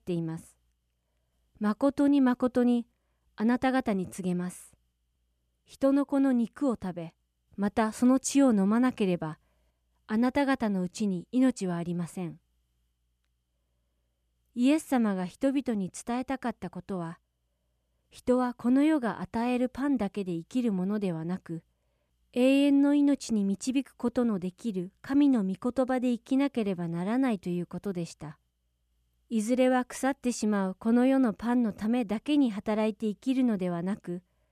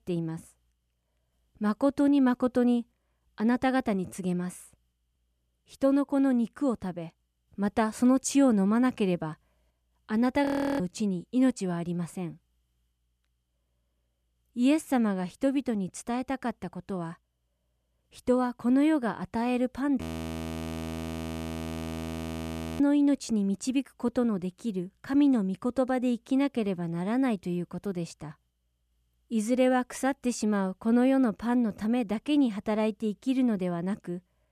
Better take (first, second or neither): first